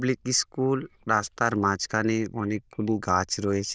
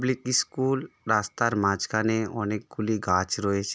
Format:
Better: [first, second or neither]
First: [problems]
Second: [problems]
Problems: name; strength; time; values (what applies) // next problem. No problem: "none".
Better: second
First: noise reduction (neural diffusion model UNIVERSE++)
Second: none